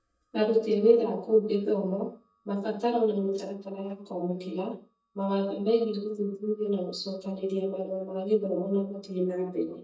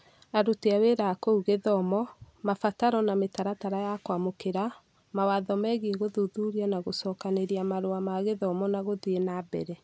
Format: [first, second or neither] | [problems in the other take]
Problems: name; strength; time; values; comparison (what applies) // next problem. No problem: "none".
second | noise reduction (neural mask model DeepFilterNet 3)